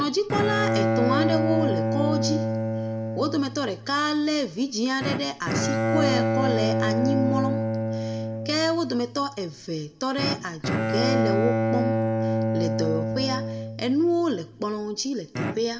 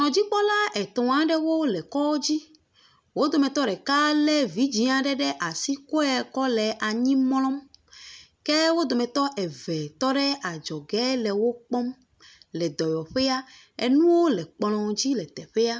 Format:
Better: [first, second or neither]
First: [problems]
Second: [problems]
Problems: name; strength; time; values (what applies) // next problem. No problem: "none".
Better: second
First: background sound (Bowed string instrument); 1 dB above the speech // room echo; dies away in 1.8 s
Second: none